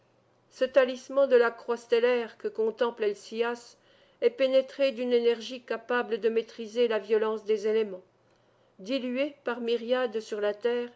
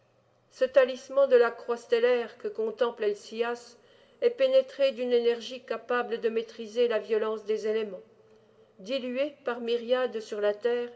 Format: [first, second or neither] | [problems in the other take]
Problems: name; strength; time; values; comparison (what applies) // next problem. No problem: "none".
first | room echo; dies away in 1.6 s